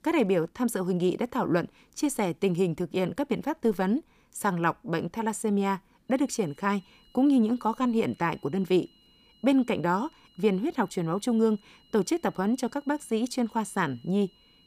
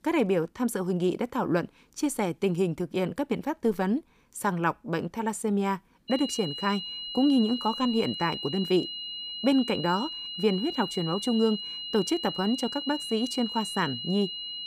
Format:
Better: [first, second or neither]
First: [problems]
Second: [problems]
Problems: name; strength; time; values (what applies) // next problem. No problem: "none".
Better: first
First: high-pitched whine; faint; from 6 s on; 3 kHz, 30 dB below the speech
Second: high-pitched whine; loud; from 6 s on; 3 kHz, 6 dB below the speech